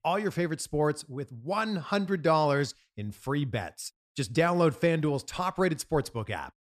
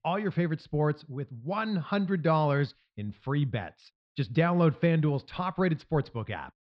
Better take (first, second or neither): first